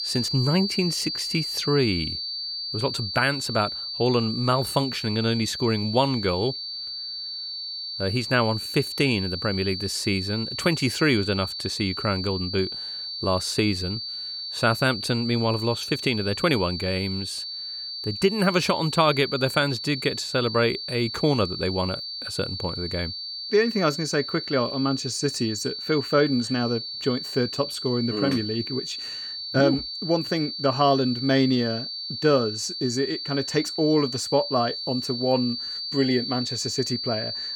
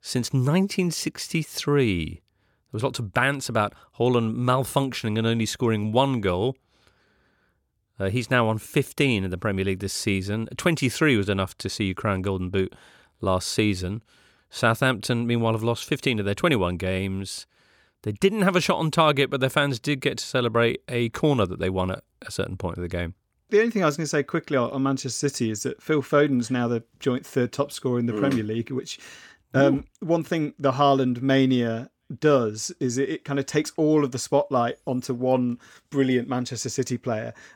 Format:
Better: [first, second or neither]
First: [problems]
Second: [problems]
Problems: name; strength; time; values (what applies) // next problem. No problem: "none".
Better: second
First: high-pitched whine; loud; throughout; 4.5 kHz, 5 dB below the speech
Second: none